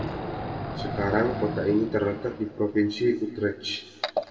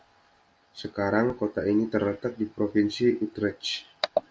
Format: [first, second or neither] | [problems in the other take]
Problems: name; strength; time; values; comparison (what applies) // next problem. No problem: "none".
second | background sound (Wild animals); 8 dB below the speech // room echo; dies away in 1.4 s